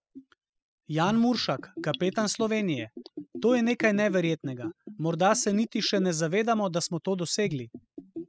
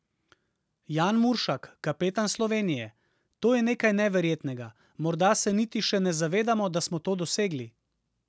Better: second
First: noise reduction (classical method spectral subtraction)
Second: none

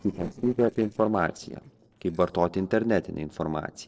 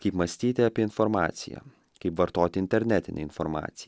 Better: second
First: noise reduction (neural separator model SepFormer DNS4)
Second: none

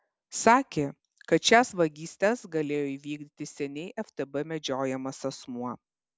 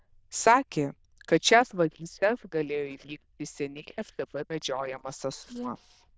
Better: first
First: none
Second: noise reduction (neural diffusion model UNIVERSE++)

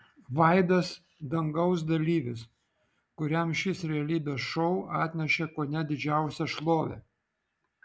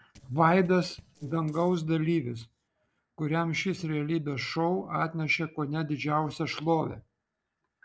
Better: first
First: none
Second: noise reduction (neural separator model SepFormer DNS4)

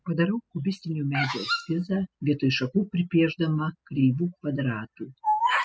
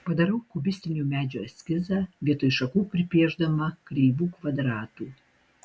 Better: second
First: noise reduction (classical method spectral subtraction)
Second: none

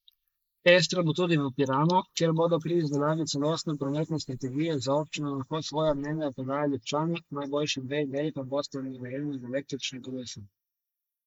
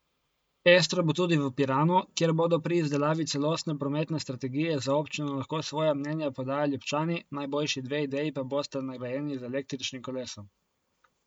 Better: second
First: noise reduction (neural mask model Resemble Enhance denoiser)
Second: none

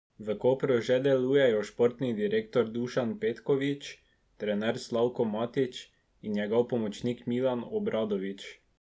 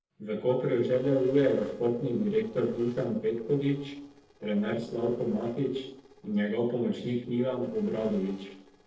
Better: first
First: none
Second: noise reduction (neural separator model SepFormer DNS4)

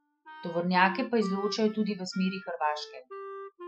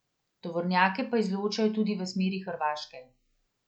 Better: second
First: noise reduction (classical method spectral subtraction)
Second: none

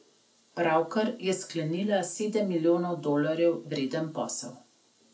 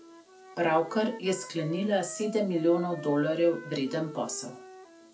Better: first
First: none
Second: background sound (Wind instrument, woodwind instrument); 16 dB below the speech

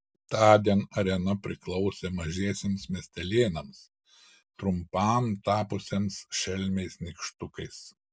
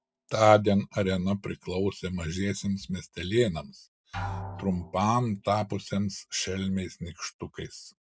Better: first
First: none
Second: noise reduction (neural mask model RNNoise)

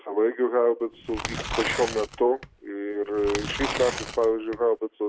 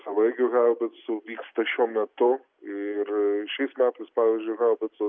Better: second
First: background sound (Tearing); 8 dB below the speech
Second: none

